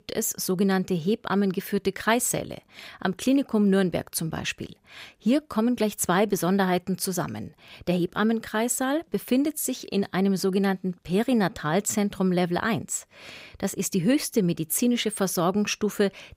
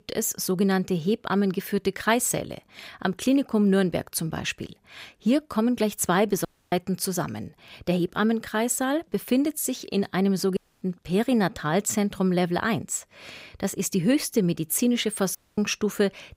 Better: first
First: none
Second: audio cutting out; at 6.5 s, at 11 s and at 15 s

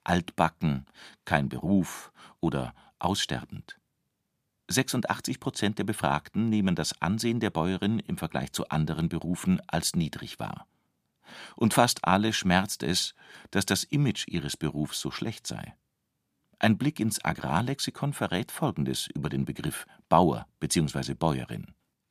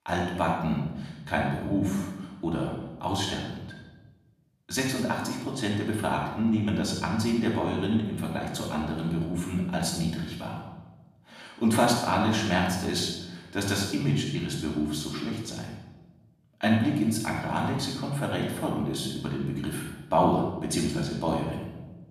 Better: first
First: none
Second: room echo; noticeable; dies away in 0.9 s // off-mic speech; far

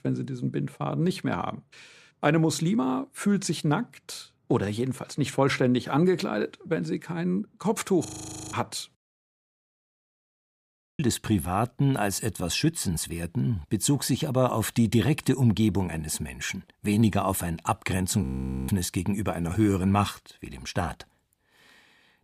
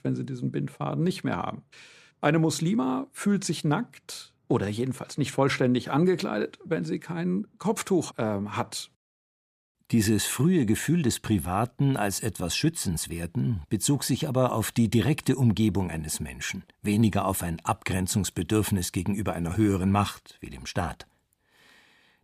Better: second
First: audio freezing; at 8 s, at 9.5 s for 1.5 s and at 18 s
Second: none

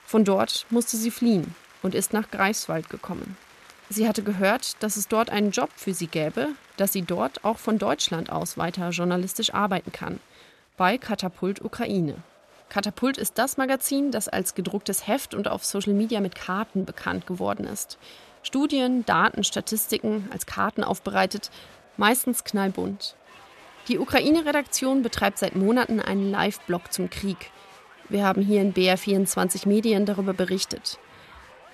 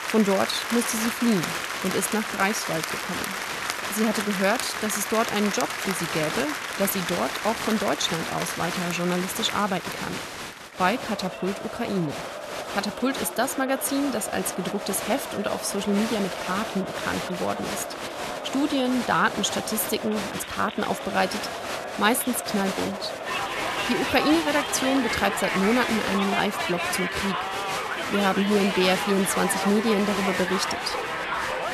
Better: first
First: crowd noise; faint; throughout; 25 dB below the speech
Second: crowd noise; loud; throughout; 3 dB below the speech

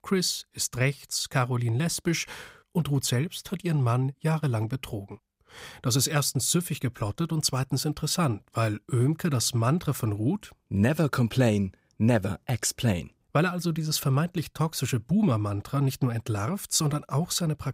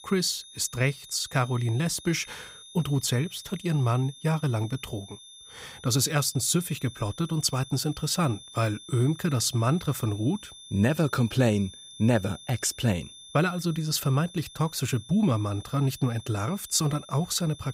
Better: first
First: none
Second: high-pitched whine; noticeable; throughout; 3.5 kHz, 20 dB below the speech

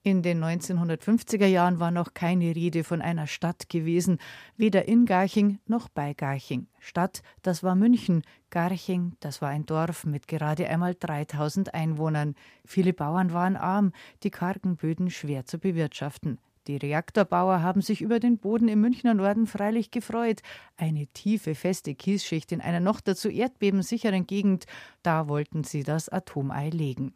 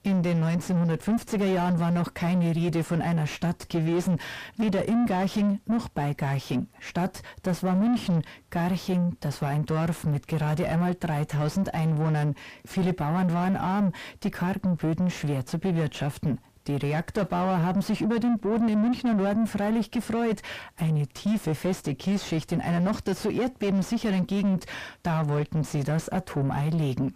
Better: first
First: none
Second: distortion; heavy; 6 dB below the speech

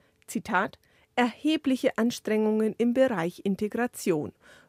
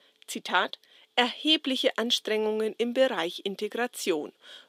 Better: first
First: none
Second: thin; very slightly; fading below 300 Hz

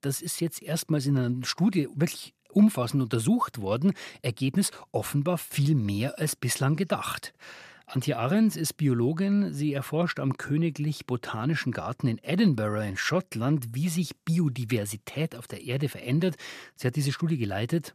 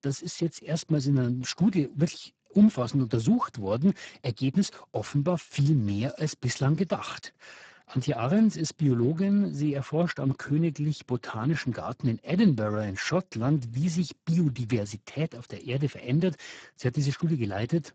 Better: first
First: none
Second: garbled, watery; badly; nothing above 7.5 kHz

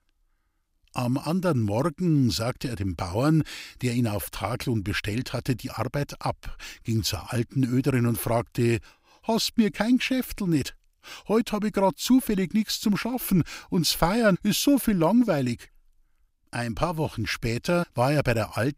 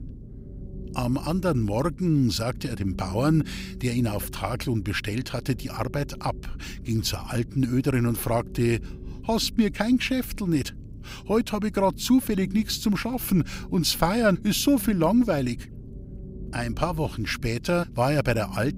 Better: first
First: none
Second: low rumble; faint; throughout; 20 dB below the speech

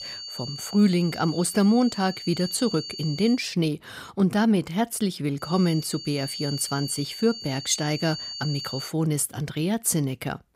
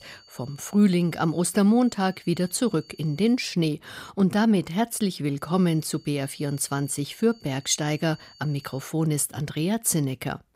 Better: second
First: high-pitched whine; loud; until 3.5 s and from 5.5 to 9 s; 4.5 kHz, 10 dB below the speech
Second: high-pitched whine; faint; until 3.5 s and from 5.5 to 9 s; 4.5 kHz, 25 dB below the speech

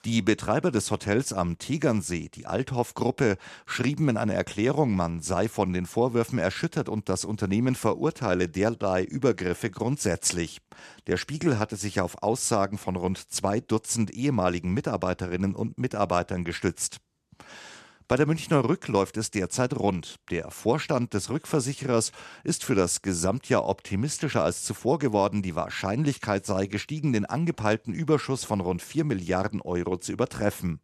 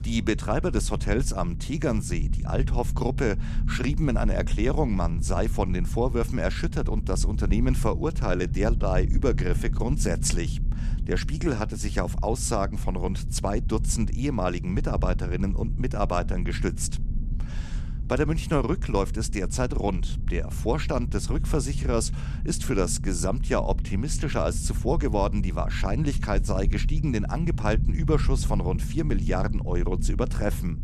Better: first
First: none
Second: low rumble; noticeable; throughout; 15 dB below the speech

